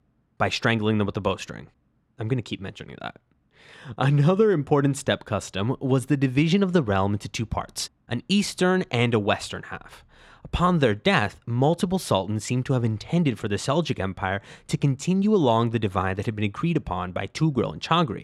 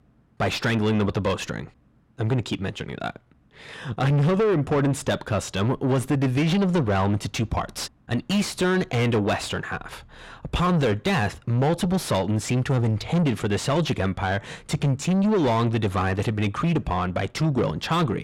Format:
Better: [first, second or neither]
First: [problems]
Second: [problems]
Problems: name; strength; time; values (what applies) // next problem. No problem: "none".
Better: first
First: none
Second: distortion; heavy; 7 dB below the speech